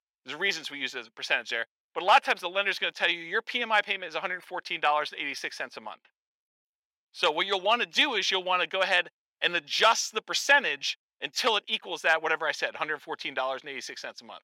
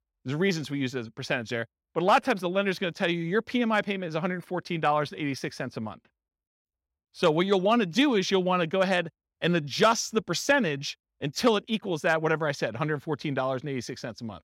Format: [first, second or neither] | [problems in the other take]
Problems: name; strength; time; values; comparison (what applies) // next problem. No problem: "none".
second | thin; very; fading below 600 Hz